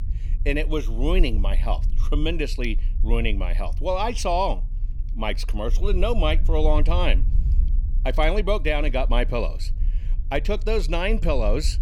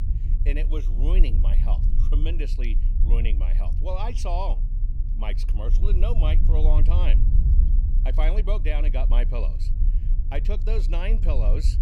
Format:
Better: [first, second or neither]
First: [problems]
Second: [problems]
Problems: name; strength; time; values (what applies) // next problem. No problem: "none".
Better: first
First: low rumble; faint; throughout; 20 dB below the speech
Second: low rumble; loud; throughout; 9 dB below the speech